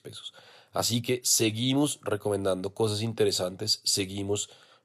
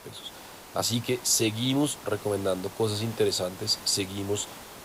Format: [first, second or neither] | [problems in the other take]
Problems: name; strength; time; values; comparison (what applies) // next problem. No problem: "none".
first | hiss; noticeable; throughout; 15 dB below the speech